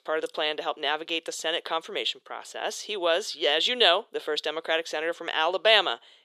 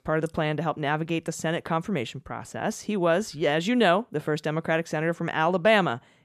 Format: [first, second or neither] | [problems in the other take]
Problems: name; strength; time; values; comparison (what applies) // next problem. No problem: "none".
second | thin; very; fading below 400 Hz